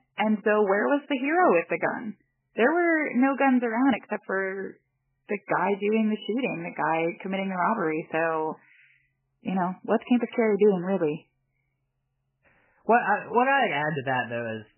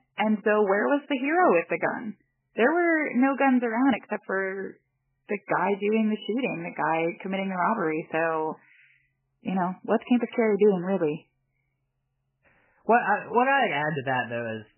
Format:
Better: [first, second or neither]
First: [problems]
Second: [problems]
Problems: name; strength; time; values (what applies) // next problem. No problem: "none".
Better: neither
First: garbled, watery; badly; nothing above 3 kHz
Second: garbled, watery; badly; nothing above 3 kHz